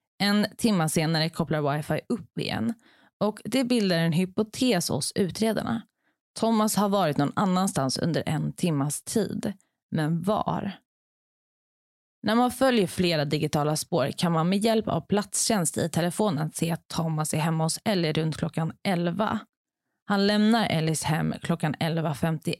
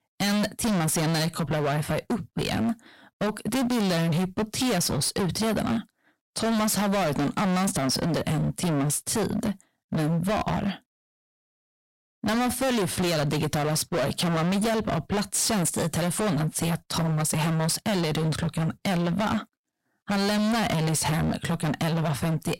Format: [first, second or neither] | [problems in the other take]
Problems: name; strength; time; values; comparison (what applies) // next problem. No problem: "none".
first | distortion; heavy; 33% of the sound clipped